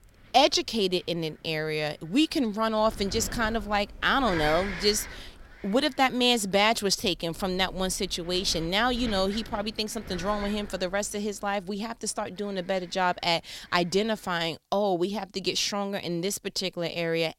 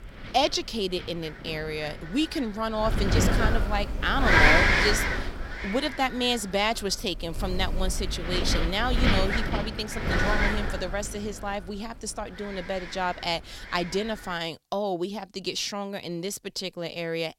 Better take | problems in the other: first | wind noise on the microphone; heavy; until 14 s; 4 dB above the speech; occasional gusts in the first

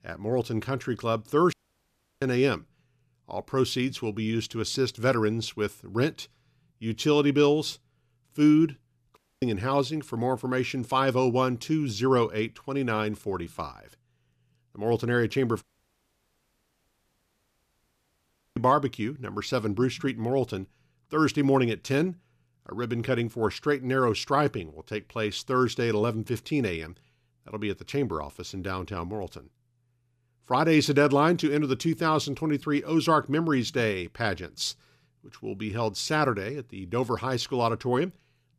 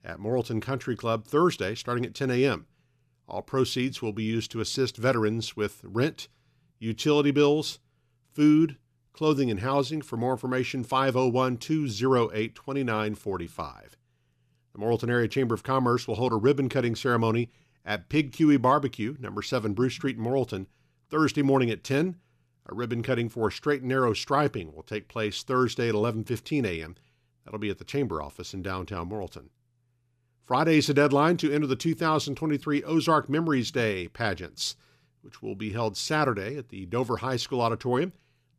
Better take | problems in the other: second | audio cutting out; at 1.5 s for 0.5 s, at 9 s and at 16 s for 3 s

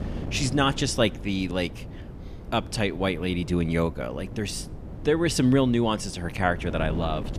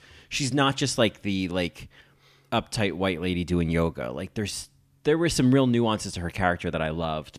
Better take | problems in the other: second | wind noise on the microphone; occasional gusts; 15 dB below the speech

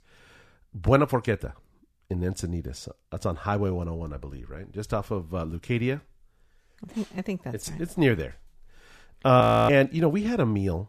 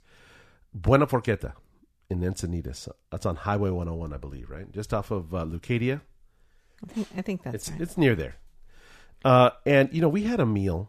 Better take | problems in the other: second | audio freezing; at 9.5 s

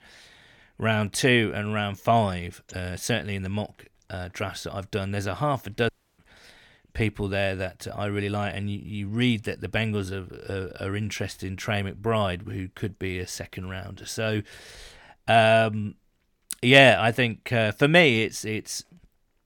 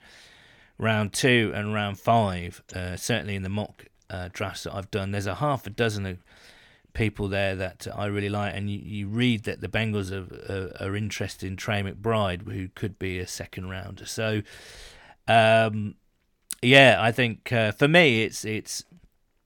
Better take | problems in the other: second | audio cutting out; at 6 s

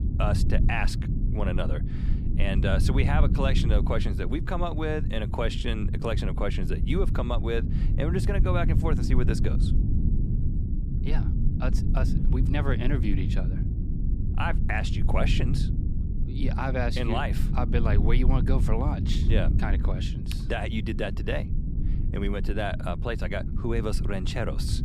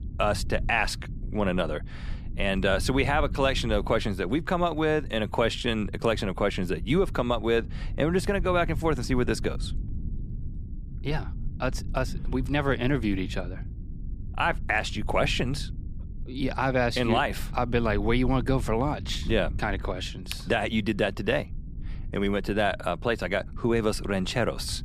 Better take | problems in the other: second | low rumble; loud; throughout; 8 dB below the speech; faint in the second

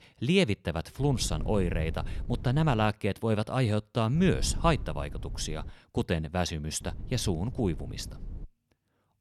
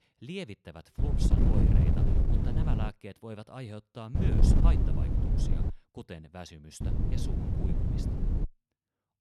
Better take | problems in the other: first | wind noise on the microphone; heavy; from 1 to 3 s, from 4 to 5.5 s and from 7 to 8.5 s; 4 dB above the speech; occasional gusts in the first

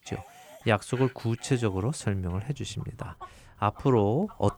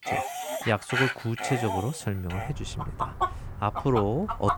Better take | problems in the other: first | animal sounds; loud; throughout; 3 dB below the speech; faint in the first

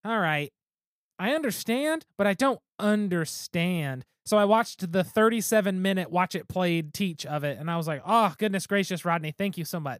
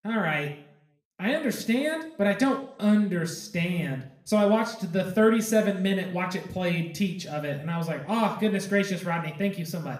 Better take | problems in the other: first | room echo; slight; dies away in 0.6 s // off-mic speech; somewhat distant

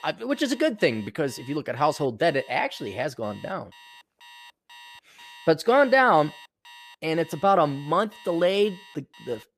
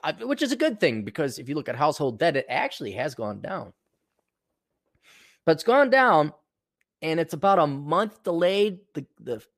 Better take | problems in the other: second | alarms or sirens; faint; throughout; 25 dB below the speech

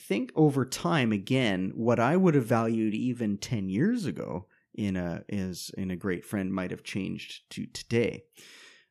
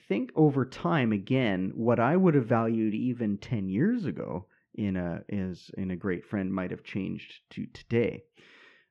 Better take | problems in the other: first | muffled; slightly; fading above 2.5 kHz

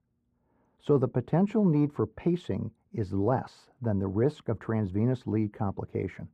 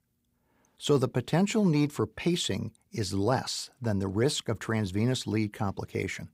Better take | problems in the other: second | muffled; very; fading above 2.5 kHz

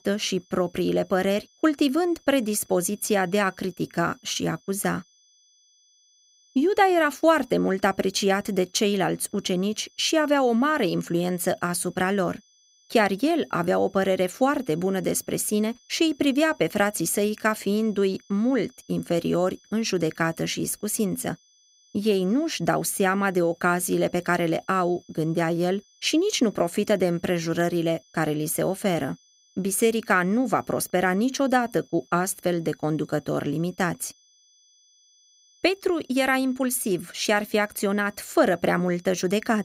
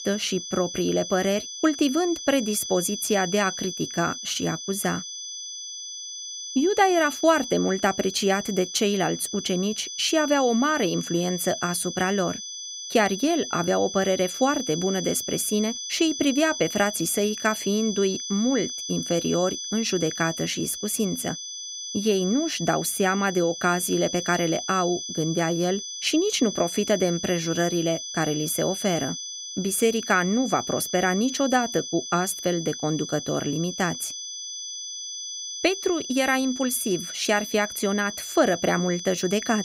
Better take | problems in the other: first | high-pitched whine; loud; throughout; 6 kHz, 7 dB below the speech; faint in the first

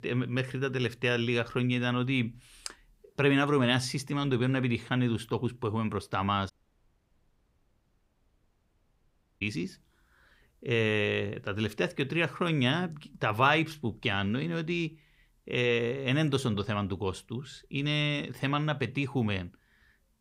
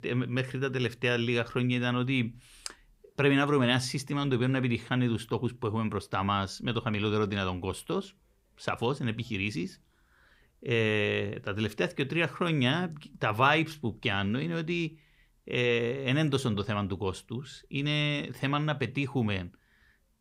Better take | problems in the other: second | audio cutting out; at 6.5 s for 3 s

